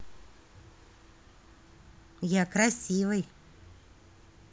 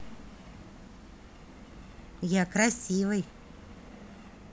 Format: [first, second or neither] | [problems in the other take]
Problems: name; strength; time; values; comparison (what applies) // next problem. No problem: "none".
first | background sound (Subway, metro, underground); 16 dB below the speech